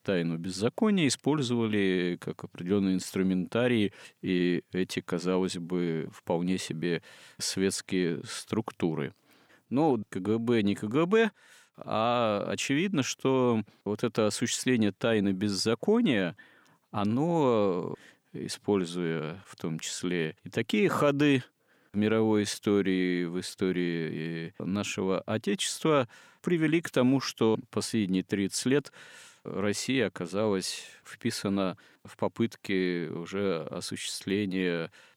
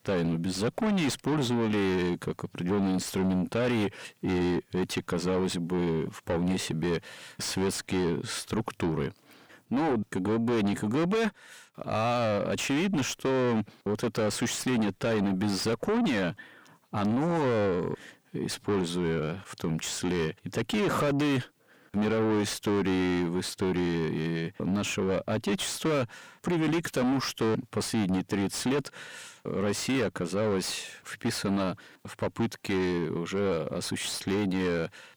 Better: first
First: none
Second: distortion; heavy; 7 dB below the speech

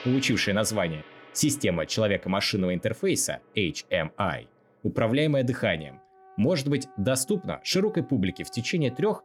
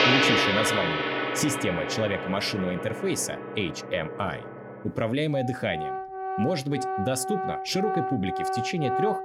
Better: first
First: background music; faint; throughout; 25 dB below the speech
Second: background music; loud; throughout; as loud as the speech

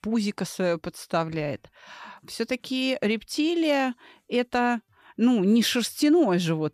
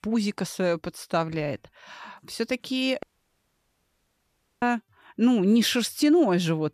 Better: first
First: none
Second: audio cutting out; at 3 s for 1.5 s

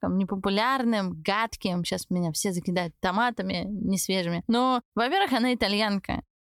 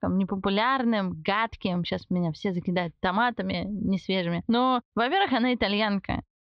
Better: first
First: none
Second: muffled; slightly; fading above 4 kHz

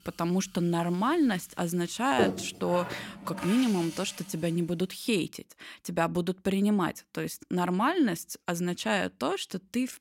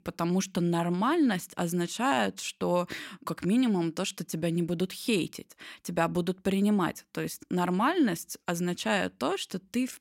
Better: second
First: household noises; loud; until 4.5 s; 7 dB below the speech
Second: none

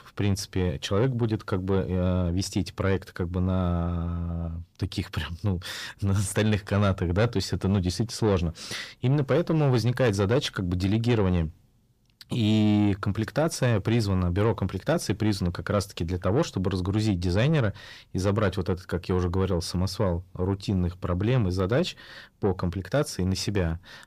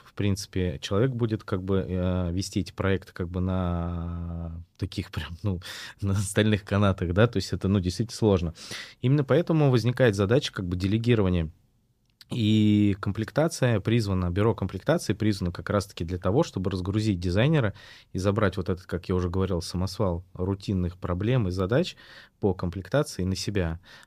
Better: second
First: distortion; slight; 10 dB below the speech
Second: none

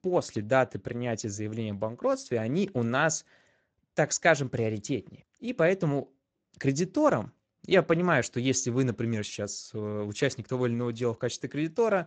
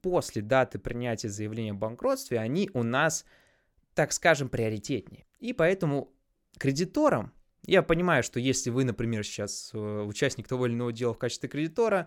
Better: second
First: garbled, watery; slightly; nothing above 7.5 kHz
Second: none

